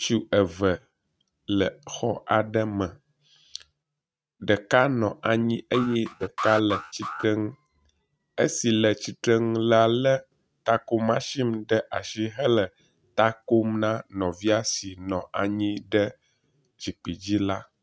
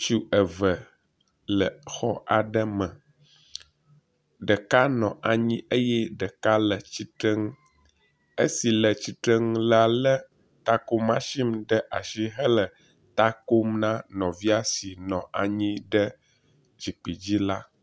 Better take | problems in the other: second | noise reduction (neural mask model RNNoise)

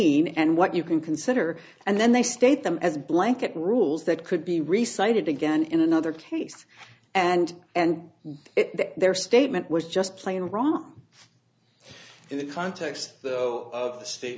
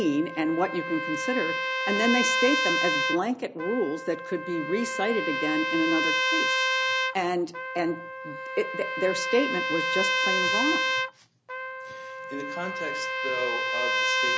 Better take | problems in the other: first | background sound (Trumpet); 1 dB above the speech

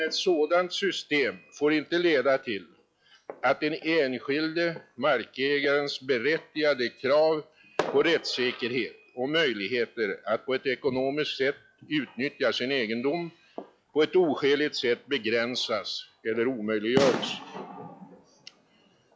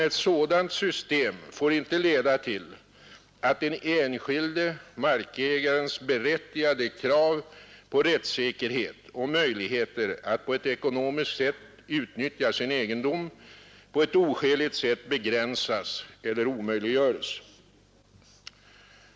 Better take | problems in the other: second | noise reduction (classical method log-MMSE)

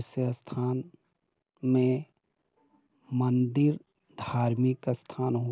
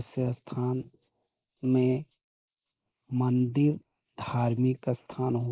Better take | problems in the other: first | noise reduction (neural mask model Resemble Enhance denoiser)

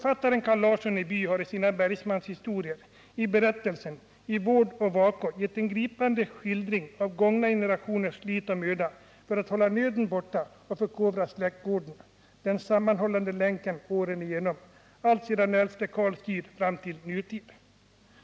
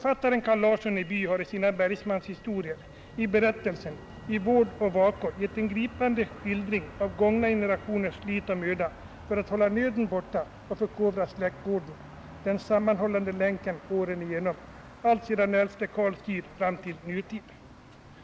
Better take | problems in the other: first | background sound (Motor vehicle (road)); 18 dB below the speech

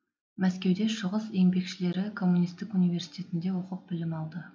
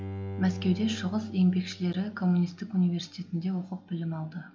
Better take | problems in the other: first | background sound (Bowed string instrument); 13 dB below the speech

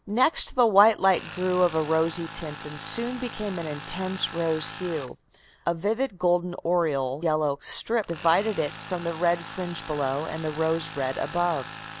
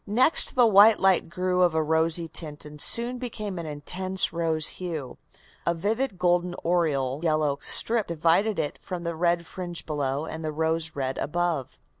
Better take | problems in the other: second | background sound (Tools); 15 dB below the speech

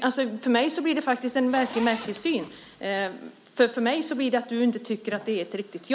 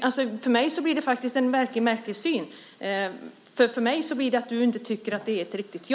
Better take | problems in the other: second | background sound (Zipper (clothing)); 15 dB below the speech

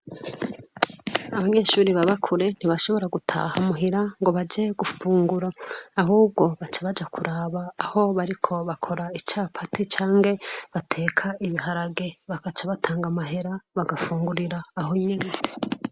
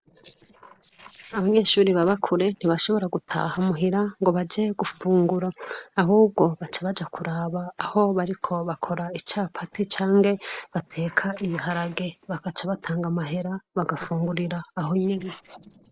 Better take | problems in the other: first | noise reduction (neural separator model SepFormer DNS4)

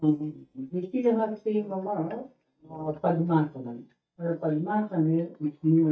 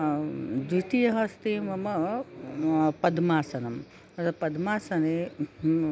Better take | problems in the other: second | noise reduction (neural mask model DeepFilterNet 3)

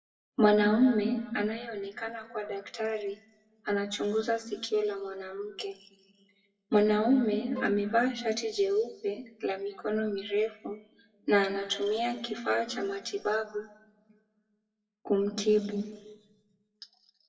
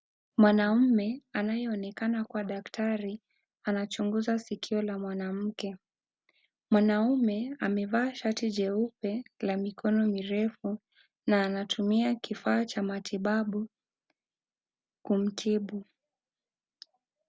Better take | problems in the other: second | noise reduction (classical method WPE with log-MMSE)

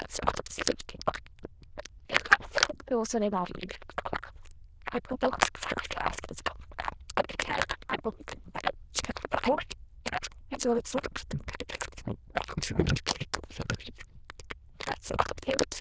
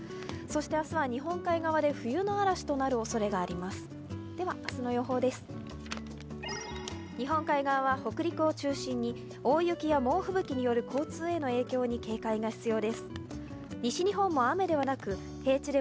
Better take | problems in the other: second | noise reduction (neural diffusion model UNIVERSE++)

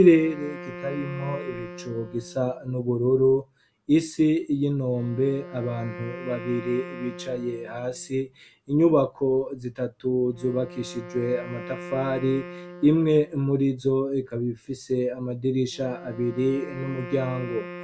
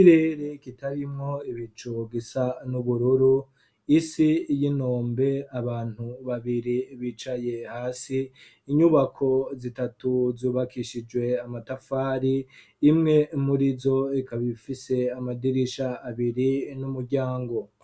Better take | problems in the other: second | background sound (Wind instrument, woodwind instrument); 16 dB below the speech

